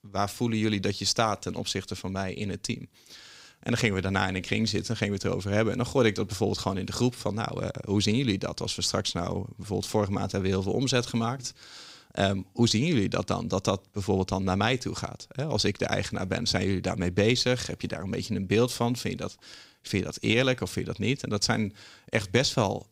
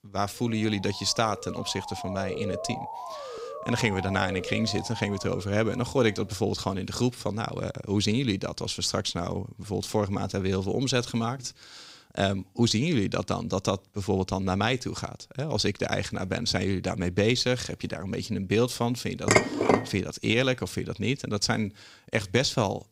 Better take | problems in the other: first | siren; noticeable; until 6 s; peak 6 dB below the speech // clattering dishes; loud; at 19 s; peak 6 dB above the speech

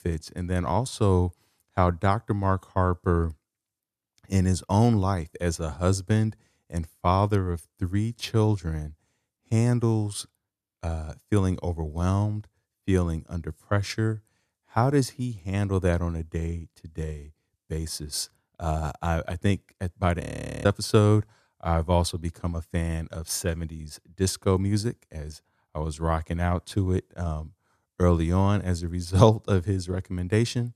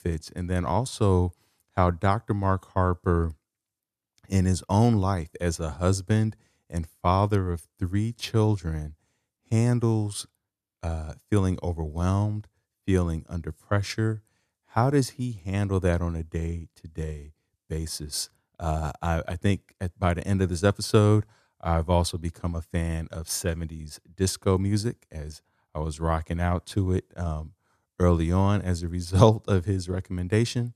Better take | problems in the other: second | audio freezing; at 20 s

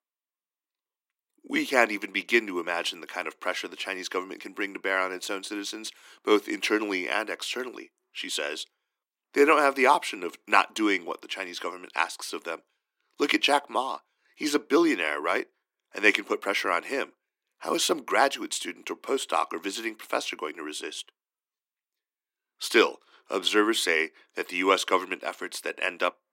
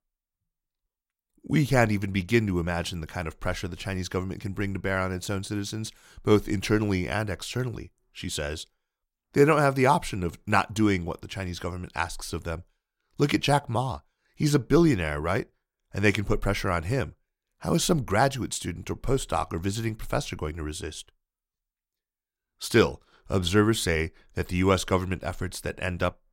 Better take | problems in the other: second | thin; somewhat; fading below 250 Hz

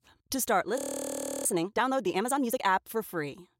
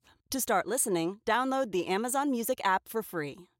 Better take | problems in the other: second | audio freezing; at 1 s for 0.5 s

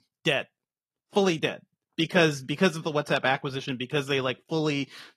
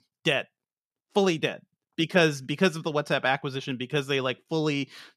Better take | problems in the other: second | garbled, watery; slightly; nothing above 14 kHz

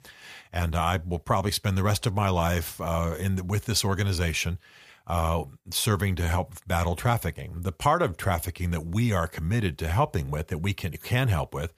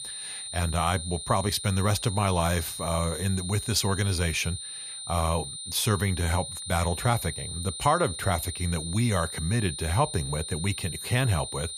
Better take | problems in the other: first | high-pitched whine; loud; throughout; 9 kHz, 7 dB below the speech

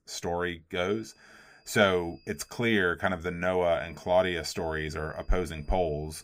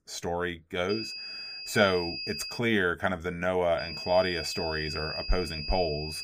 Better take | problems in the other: first | high-pitched whine; loud; from 1 to 2.5 s and from 4 s on; 5 kHz, 6 dB below the speech; faint in the first

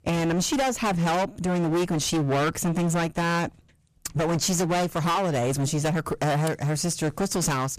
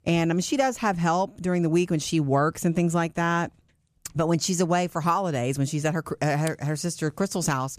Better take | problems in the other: second | distortion; heavy; 27% of the sound clipped

